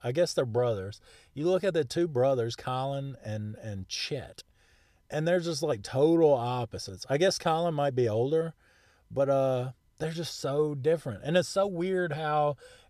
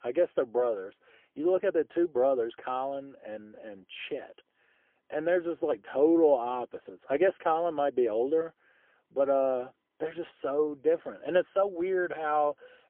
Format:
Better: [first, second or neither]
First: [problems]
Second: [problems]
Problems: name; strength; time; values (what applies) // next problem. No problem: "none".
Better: first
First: none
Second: phone-call audio; poor line; nothing above 3.5 kHz